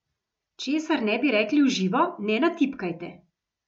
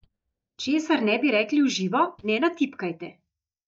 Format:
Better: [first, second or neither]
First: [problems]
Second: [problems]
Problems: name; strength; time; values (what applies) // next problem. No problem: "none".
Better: first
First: none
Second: noise reduction (neural mask model DeepFilterNet 3)